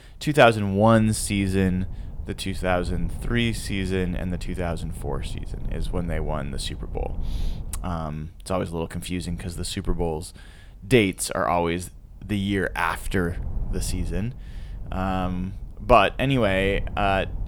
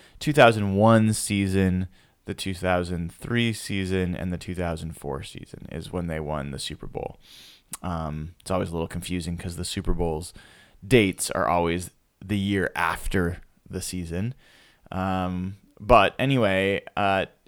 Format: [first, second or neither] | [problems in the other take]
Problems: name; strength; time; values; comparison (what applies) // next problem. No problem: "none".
second | low rumble; faint; throughout; 25 dB below the speech